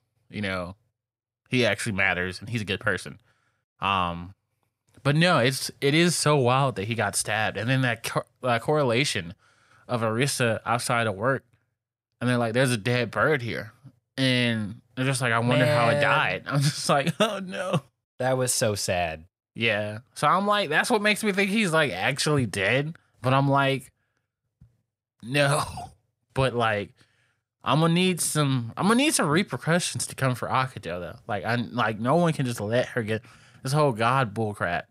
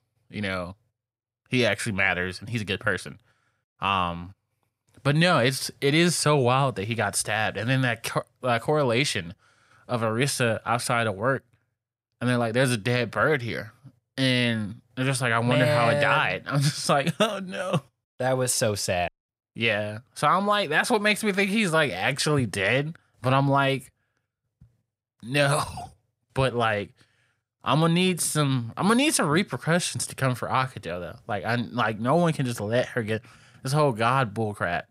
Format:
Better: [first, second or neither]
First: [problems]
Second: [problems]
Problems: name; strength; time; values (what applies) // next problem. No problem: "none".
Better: first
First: none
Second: audio cutting out; at 19 s